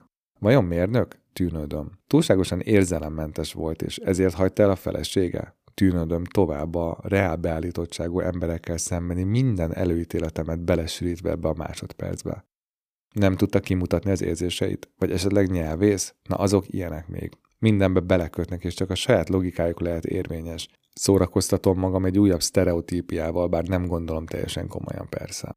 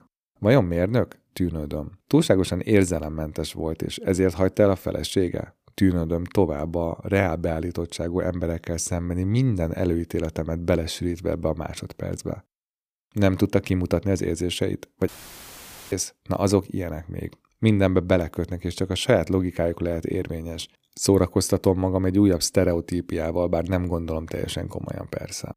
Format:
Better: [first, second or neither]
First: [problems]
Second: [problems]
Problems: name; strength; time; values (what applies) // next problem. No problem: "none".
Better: first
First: none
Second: audio cutting out; filled with static; at 15 s for 1 s